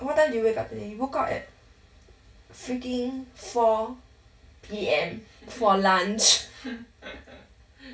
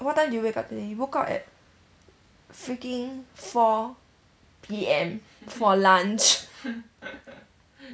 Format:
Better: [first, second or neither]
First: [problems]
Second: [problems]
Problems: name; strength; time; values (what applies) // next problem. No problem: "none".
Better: second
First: room echo; dies away in 0.2 s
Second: none